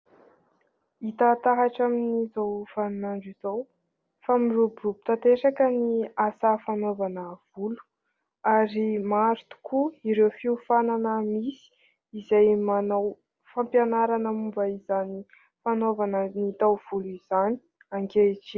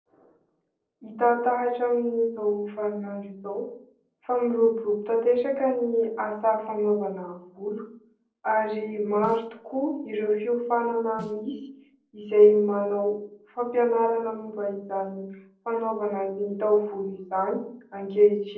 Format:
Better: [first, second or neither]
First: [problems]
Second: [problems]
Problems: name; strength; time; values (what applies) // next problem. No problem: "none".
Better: first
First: none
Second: noise reduction (neural separator model SepFormer DNS4)